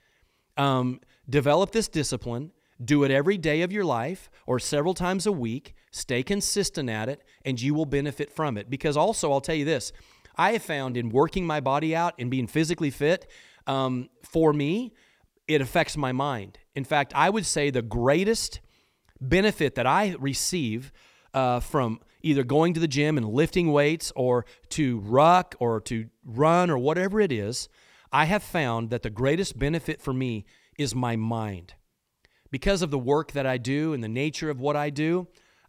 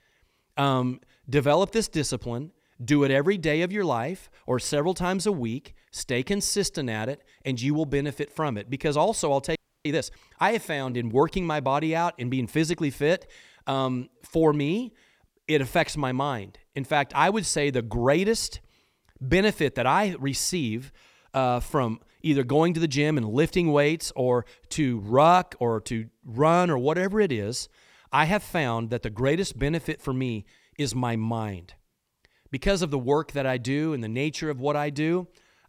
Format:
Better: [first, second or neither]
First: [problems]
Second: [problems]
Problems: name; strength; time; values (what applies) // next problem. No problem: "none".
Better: first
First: none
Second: audio freezing; at 9.5 s